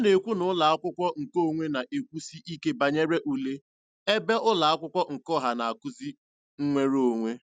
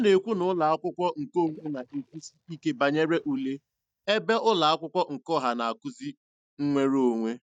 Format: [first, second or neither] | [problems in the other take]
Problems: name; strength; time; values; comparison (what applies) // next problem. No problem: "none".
first | noise reduction (neural mask model DeepFilterNet 3)